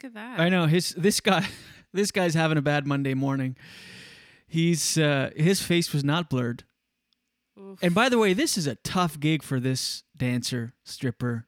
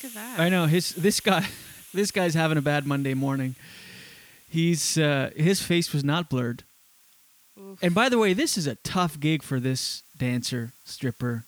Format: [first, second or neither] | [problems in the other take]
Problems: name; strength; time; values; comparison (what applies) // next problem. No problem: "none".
first | hiss; faint; throughout; 20 dB below the speech